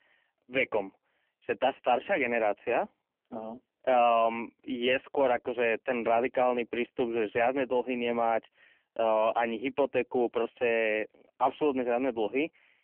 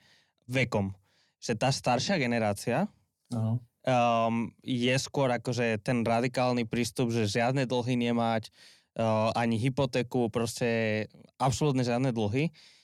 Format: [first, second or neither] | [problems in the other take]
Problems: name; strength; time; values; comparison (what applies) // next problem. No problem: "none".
second | phone-call audio; poor line; nothing above 3 kHz